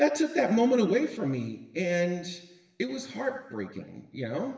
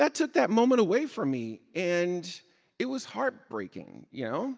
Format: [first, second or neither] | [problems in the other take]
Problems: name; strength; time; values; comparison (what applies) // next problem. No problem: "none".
second | room echo; dies away in 1 s